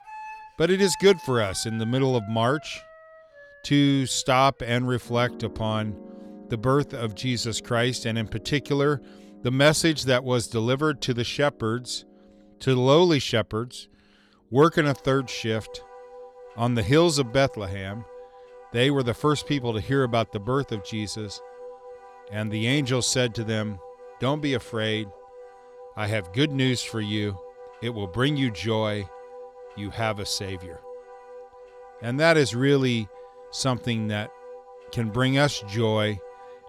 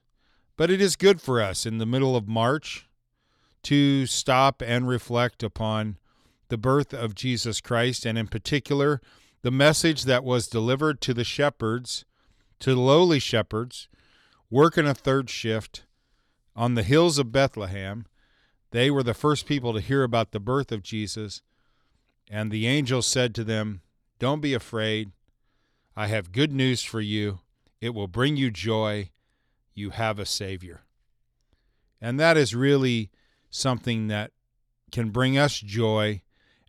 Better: second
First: background music; noticeable; throughout; 20 dB below the speech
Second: none

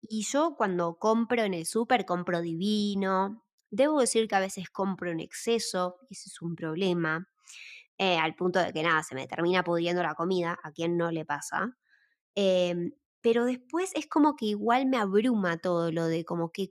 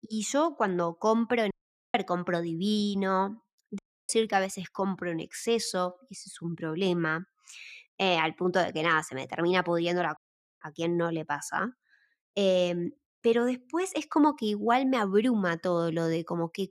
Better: first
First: none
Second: audio cutting out; at 1.5 s, at 4 s and at 10 s

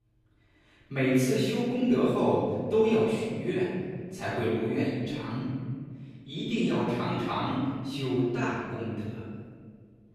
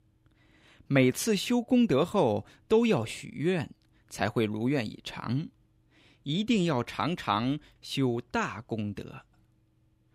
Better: second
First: off-mic speech; far // room echo; strong; dies away in 1.8 s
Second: none

